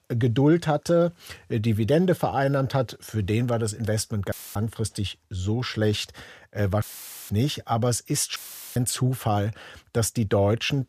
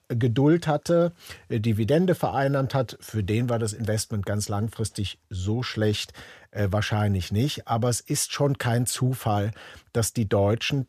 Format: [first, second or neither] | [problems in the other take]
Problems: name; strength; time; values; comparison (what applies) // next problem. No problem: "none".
second | audio cutting out; filled with static; at 4.5 s, at 7 s and at 8.5 s